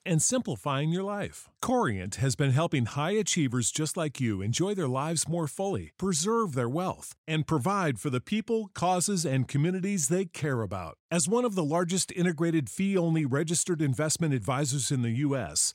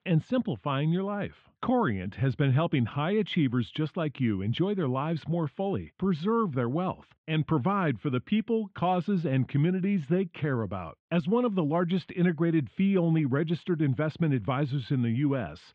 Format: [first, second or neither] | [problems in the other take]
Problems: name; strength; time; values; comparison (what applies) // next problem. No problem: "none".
first | muffled; very; fading above 3 kHz